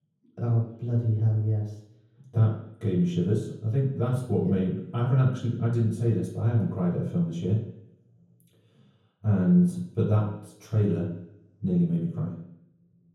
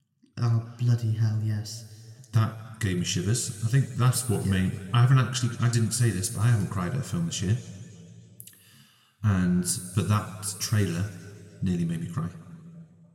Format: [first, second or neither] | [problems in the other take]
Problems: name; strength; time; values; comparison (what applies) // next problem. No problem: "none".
second | room echo; strong; dies away in 0.9 s; slight in the second // off-mic speech; far